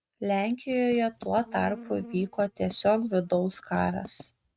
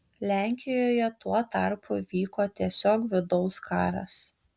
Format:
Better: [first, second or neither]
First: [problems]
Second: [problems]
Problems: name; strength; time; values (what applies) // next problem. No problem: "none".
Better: second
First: noise reduction (neural mask model RNNoise)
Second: none